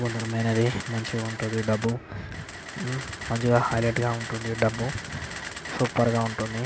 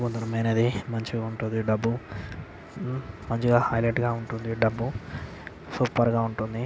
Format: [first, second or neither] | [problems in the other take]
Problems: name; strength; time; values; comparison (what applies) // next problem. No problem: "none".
second | background sound (Camera); 11 dB below the speech